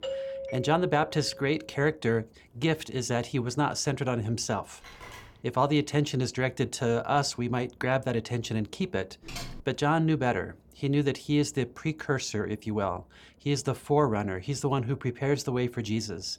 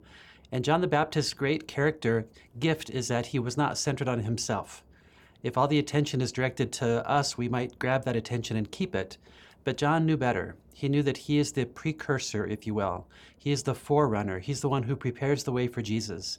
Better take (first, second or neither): second